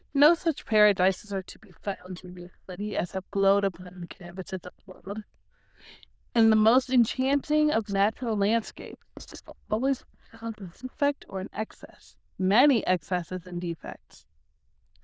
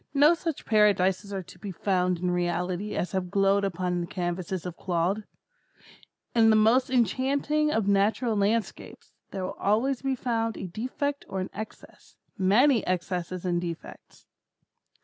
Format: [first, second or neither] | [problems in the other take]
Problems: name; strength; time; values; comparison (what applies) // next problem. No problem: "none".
second | noise reduction (neural diffusion model UNIVERSE++)